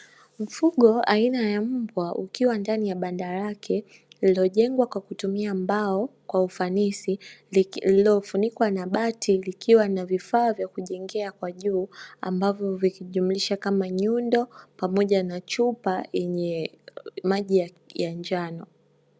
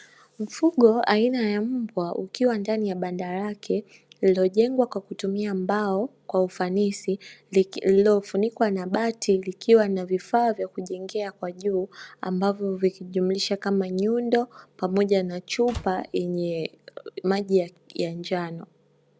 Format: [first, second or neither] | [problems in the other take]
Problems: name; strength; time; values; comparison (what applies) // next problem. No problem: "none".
first | background sound (Slam); 16 dB below the speech